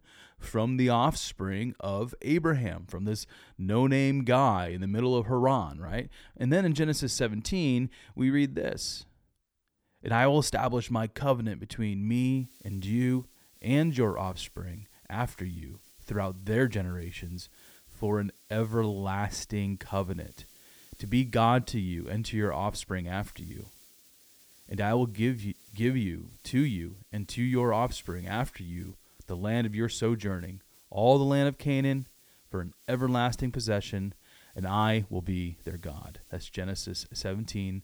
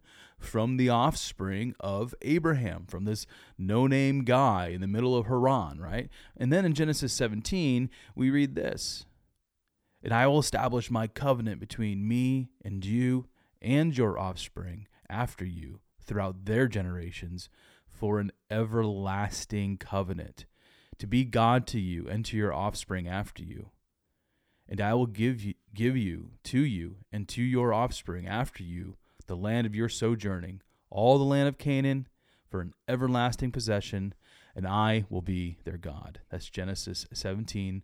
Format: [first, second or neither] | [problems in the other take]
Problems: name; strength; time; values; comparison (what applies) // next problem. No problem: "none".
second | hiss; faint; from 12 s on; 25 dB below the speech